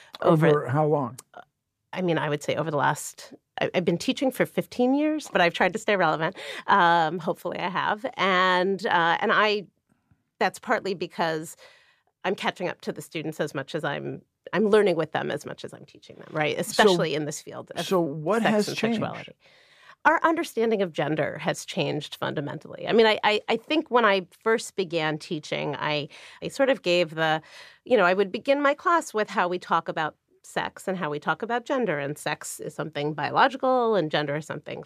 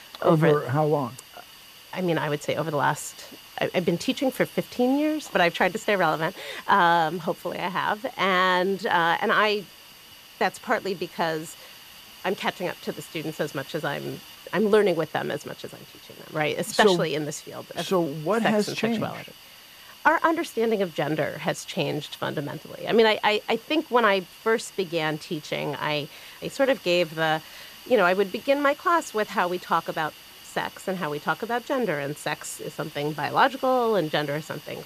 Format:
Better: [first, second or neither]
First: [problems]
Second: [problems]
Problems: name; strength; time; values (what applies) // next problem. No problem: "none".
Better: first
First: none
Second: hiss; noticeable; throughout; 20 dB below the speech